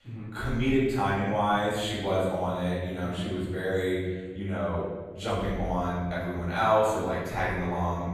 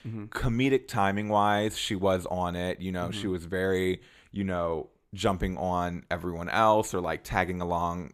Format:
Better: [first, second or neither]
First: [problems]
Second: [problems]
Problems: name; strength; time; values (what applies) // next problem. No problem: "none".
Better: second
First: off-mic speech; far // room echo; strong; dies away in 1.4 s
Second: none